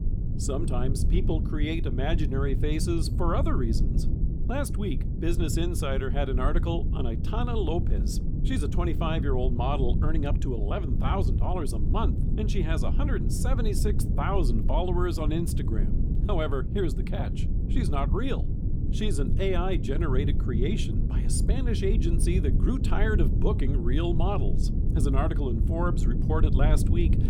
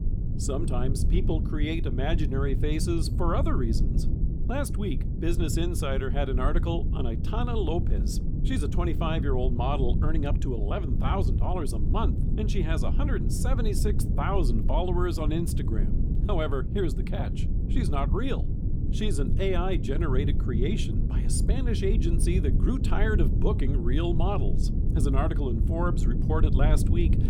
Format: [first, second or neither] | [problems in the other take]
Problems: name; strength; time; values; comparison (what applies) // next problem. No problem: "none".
neither | low rumble; loud; throughout; 7 dB below the speech; the same in both